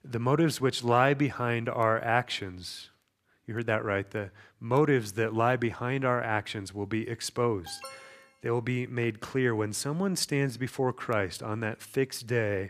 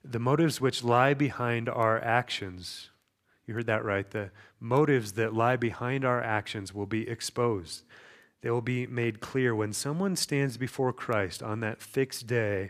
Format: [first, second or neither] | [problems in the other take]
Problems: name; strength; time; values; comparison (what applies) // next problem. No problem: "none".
second | alarm; faint; at 7.5 s; peak 15 dB below the speech